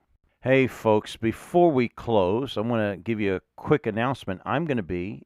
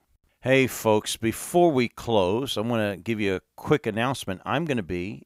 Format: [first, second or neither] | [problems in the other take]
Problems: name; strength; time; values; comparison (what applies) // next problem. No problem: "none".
second | muffled; slightly; fading above 3.5 kHz